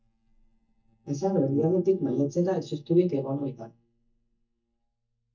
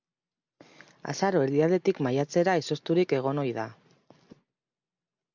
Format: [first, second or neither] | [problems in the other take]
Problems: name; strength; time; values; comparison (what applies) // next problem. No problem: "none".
second | noise reduction (neural mask model DeepFilterNet 3)